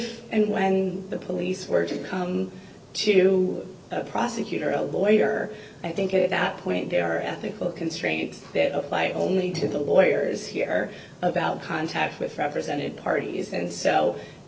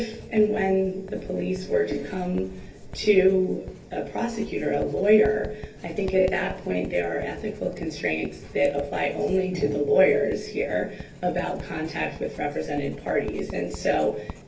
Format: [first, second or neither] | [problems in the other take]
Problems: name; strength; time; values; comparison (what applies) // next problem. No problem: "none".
first | background sound (Writing); 16 dB below the speech // room echo; dies away in 0.3 s